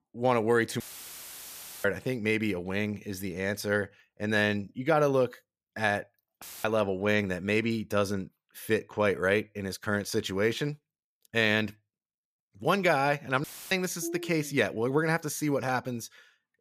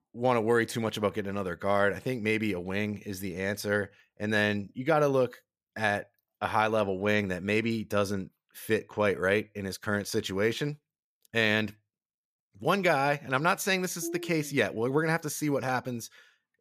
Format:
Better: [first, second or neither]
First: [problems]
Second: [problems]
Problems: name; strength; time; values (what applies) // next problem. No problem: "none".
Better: second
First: audio cutting out; filled with static; at 1 s for 1 s, at 6.5 s and at 13 s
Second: none